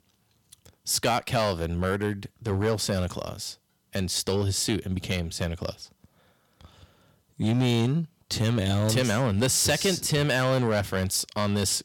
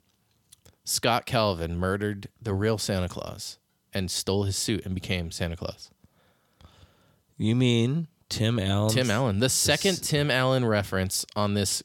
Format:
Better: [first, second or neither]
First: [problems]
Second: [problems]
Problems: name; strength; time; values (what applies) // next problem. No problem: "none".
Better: second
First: distortion; slight; 5% of the sound clipped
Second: none